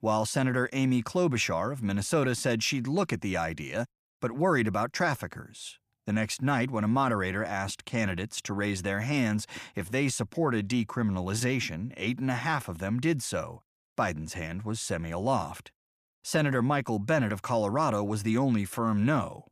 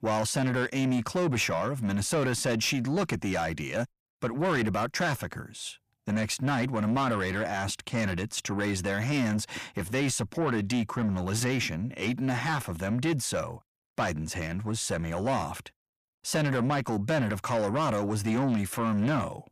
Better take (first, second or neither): first